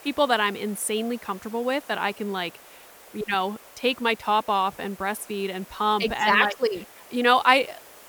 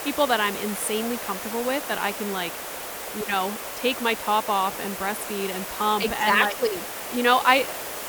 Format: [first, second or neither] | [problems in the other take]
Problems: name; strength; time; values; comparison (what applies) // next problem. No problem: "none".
first | hiss; loud; throughout; 7 dB below the speech; faint in the first